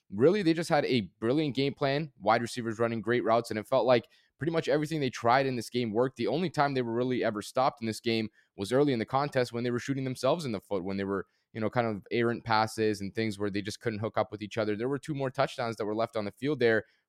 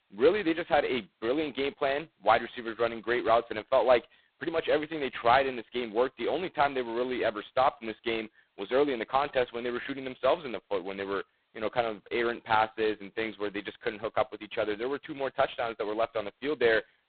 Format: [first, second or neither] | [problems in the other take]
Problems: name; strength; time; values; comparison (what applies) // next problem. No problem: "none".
first | phone-call audio; poor line; nothing above 4 kHz